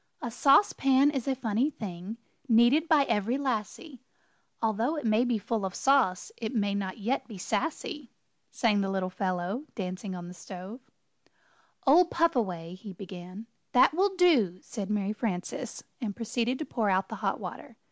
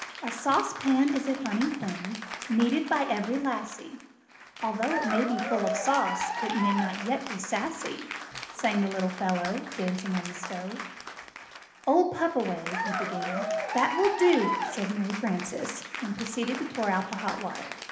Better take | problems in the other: first | background sound (Applause / Cheering); 6 dB below the speech // room echo; dies away in 1 s

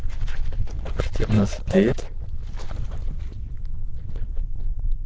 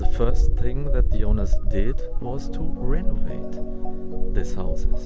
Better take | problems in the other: second | noise reduction (neural diffusion model UNIVERSE++)

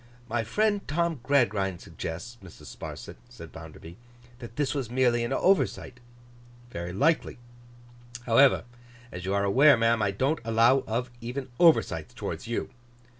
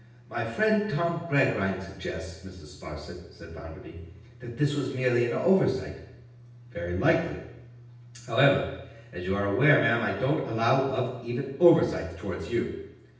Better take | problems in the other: first | room echo; dies away in 0.9 s

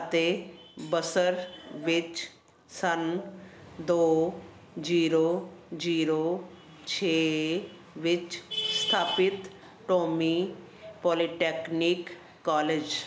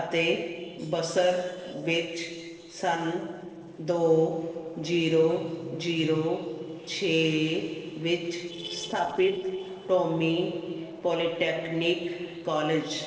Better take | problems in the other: first | noise reduction (neural separator model SepFormer DNS4)

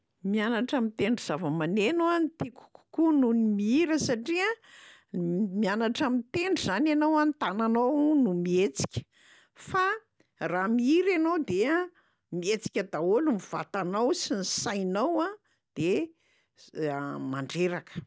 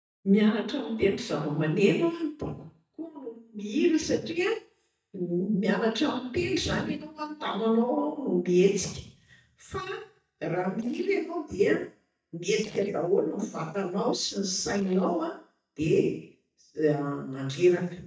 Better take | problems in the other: first | noise reduction (neural mask model DeepFilterNet 3)

